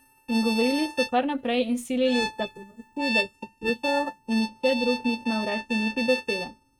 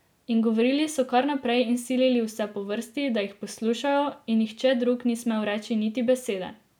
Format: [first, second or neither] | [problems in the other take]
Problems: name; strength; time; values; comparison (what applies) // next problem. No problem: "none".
second | noise reduction (neural mask model RNNoise)